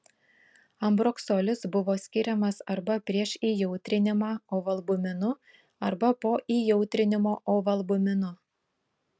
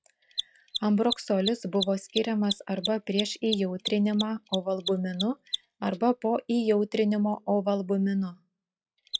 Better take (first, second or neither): first